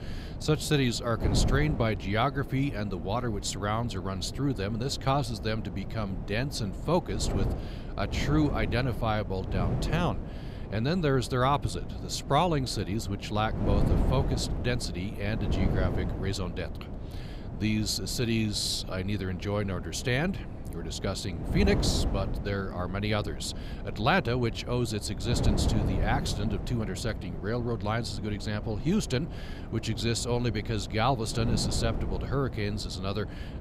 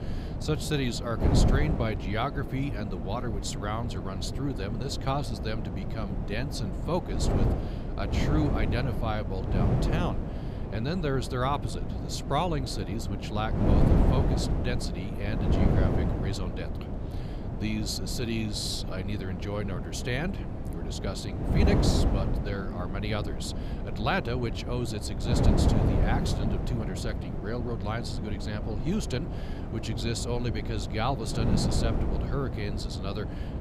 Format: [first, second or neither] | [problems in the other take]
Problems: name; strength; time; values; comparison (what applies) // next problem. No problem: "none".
first | wind noise on the microphone; heavy; 3 dB below the speech; occasional gusts in the first